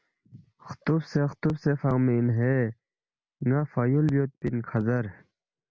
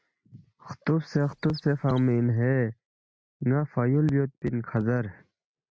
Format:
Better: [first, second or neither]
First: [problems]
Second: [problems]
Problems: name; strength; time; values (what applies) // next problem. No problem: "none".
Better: first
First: none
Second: noise reduction (neural mask model RNNoise)